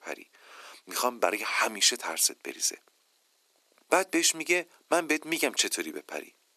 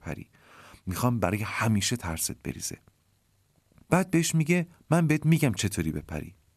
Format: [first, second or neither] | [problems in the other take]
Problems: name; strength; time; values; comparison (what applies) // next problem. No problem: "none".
second | thin; very; fading below 350 Hz